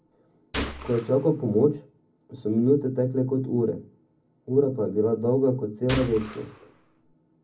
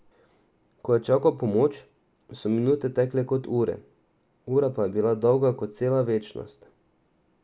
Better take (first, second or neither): second